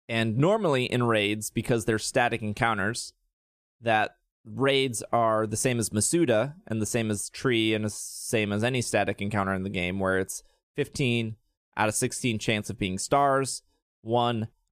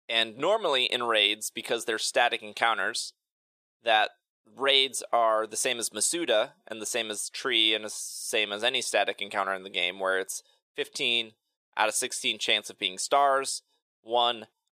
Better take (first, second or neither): first